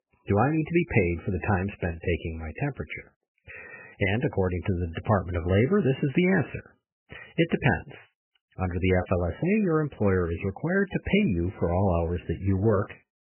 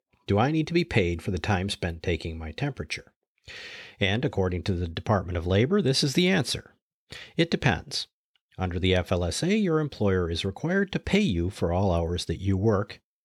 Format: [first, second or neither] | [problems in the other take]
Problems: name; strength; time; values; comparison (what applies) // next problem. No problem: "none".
second | garbled, watery; badly; nothing above 3 kHz